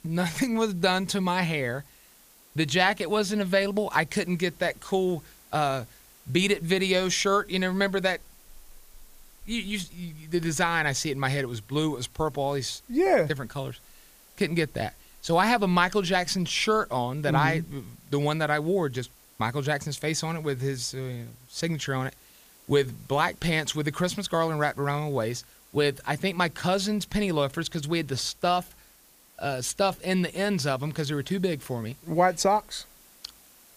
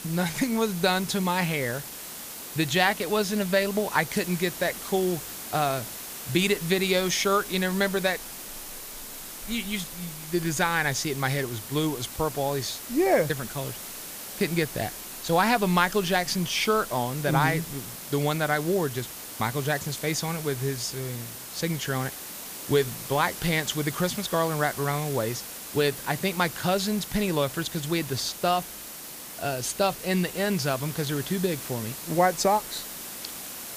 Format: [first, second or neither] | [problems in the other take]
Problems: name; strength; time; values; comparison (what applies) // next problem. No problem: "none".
first | hiss; loud; throughout; 10 dB below the speech; faint in the first